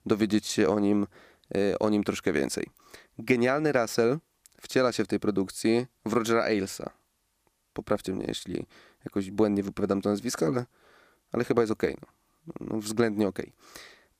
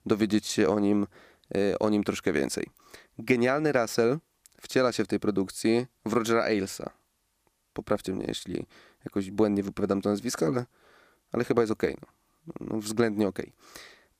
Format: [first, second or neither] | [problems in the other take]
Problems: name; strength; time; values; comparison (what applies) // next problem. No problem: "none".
neither | none